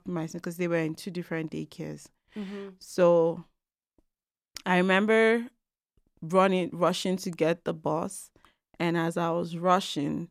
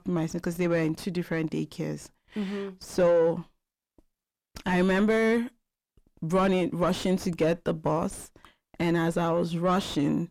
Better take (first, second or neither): first